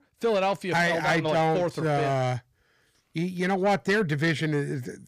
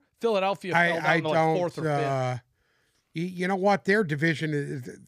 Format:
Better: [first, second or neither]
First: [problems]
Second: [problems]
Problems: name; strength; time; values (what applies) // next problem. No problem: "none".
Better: second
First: distortion; slight; 10 dB below the speech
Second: none